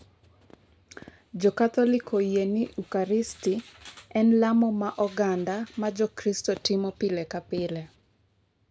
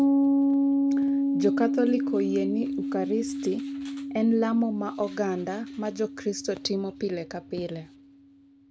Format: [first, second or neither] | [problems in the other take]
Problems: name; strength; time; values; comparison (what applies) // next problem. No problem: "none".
first | background sound (Piano); 1 dB above the speech